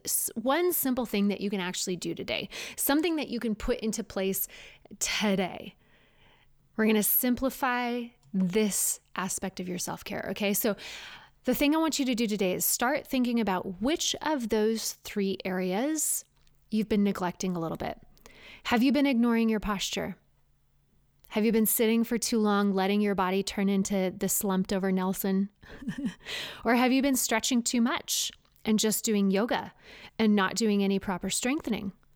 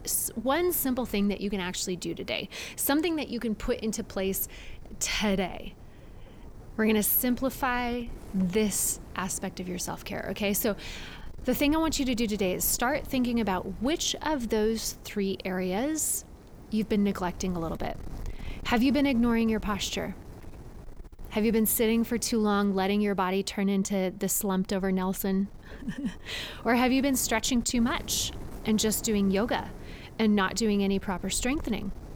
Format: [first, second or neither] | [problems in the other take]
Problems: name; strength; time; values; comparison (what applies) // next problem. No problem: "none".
first | wind noise on the microphone; occasional gusts; 20 dB below the speech